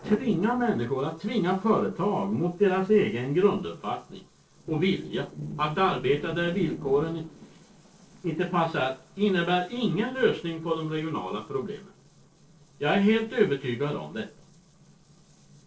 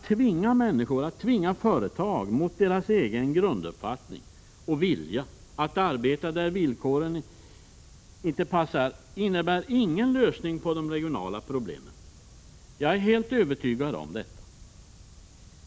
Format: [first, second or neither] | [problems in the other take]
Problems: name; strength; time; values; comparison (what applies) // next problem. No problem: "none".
second | noise reduction (neural separator model SepFormer DNS4)